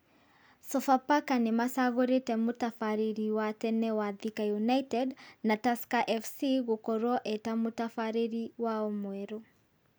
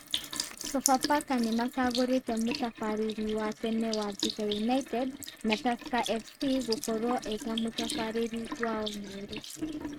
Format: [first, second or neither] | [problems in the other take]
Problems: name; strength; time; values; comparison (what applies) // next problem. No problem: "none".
first | noise reduction (neural mask model RNNoise)